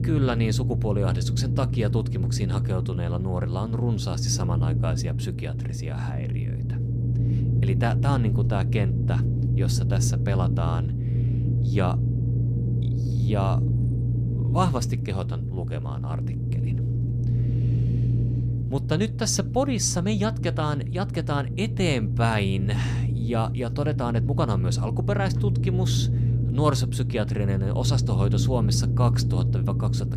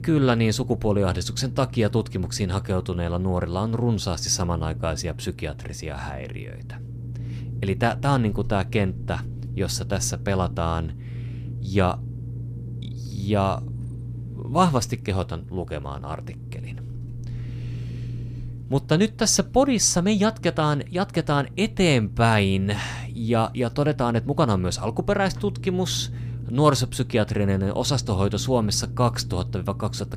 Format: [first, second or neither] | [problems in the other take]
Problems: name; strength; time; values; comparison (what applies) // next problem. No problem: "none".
second | low rumble; loud; throughout; 6 dB below the speech; faint in the second